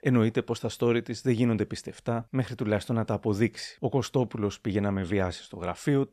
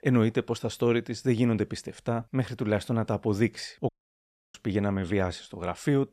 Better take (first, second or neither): first